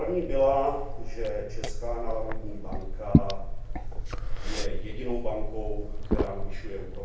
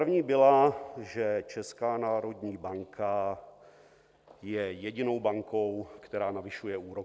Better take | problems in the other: second | background sound (Liquid); 4 dB above the speech // room echo; dies away in 0.7 s

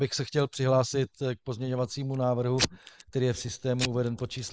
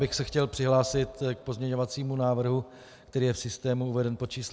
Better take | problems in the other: second | noise reduction (neural mask model Resemble Enhance denoiser)

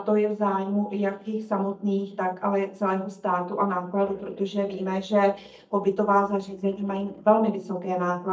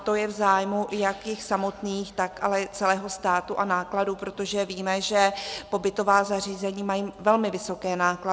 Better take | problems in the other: second | noise reduction (neural mask model DeepFilterNet 3)

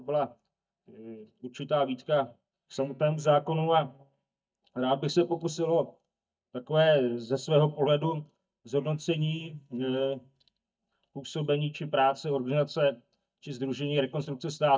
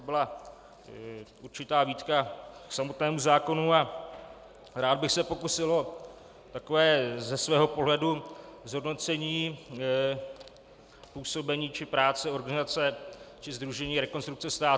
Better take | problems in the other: second | noise reduction (neural mask model DeepFilterNet 3)

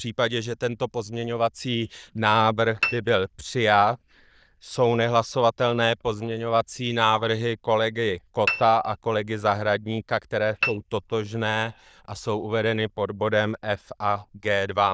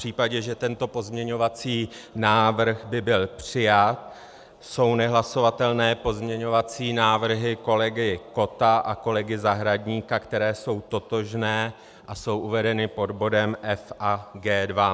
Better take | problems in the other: second | noise reduction (neural diffusion model UNIVERSE++)

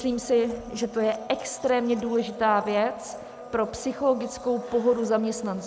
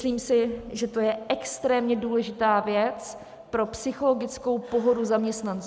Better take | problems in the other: second | background sound (Domestic sounds, home sounds); 16 dB below the speech

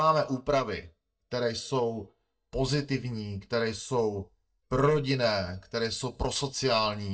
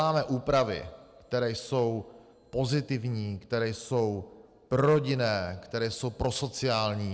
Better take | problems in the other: second | noise reduction (neural mask model DeepFilterNet 3)

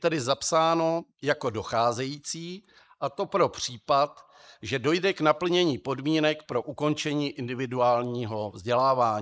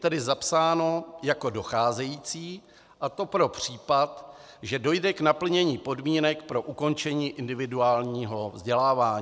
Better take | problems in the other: second | noise reduction (neural mask model Resemble Enhance denoiser)

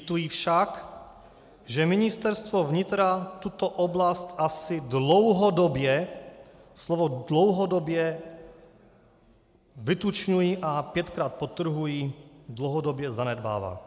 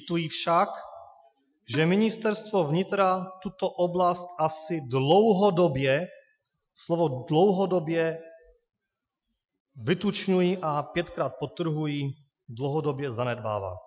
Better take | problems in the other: first | noise reduction (classical method Wiener filter)

